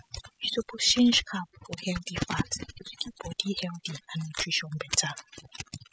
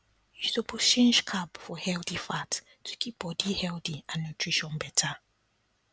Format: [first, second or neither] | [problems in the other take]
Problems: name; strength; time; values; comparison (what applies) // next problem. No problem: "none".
second | noise reduction (classical method spectral subtraction)